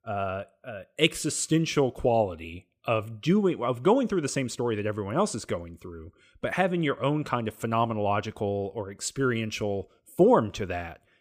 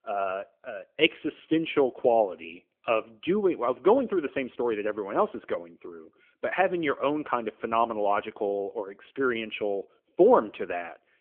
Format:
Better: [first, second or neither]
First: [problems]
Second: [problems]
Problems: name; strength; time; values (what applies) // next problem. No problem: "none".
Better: first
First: none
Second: phone-call audio; nothing above 3.5 kHz